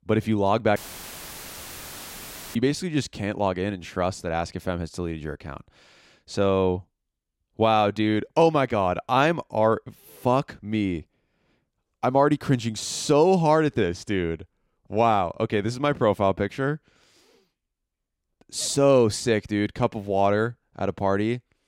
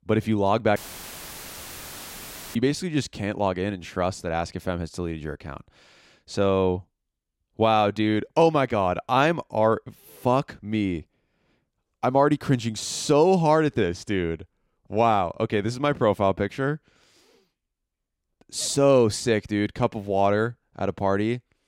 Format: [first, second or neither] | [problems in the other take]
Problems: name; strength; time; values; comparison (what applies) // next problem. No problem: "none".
neither | audio cutting out; filled with static; at 1 s for 2 s; the same in both